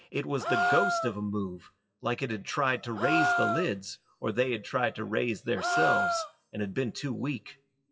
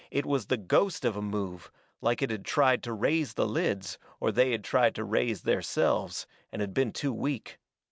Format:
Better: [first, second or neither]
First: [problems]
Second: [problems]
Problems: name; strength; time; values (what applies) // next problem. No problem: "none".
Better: second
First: noise reduction (classical method WPE with log-MMSE)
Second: none